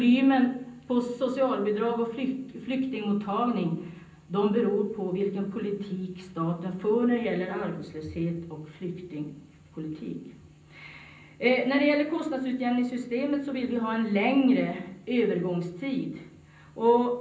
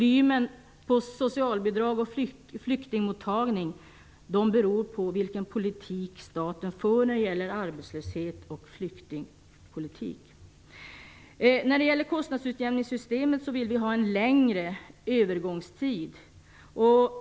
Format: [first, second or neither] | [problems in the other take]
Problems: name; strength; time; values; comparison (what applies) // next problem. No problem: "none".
second | room echo; dies away in 0.6 s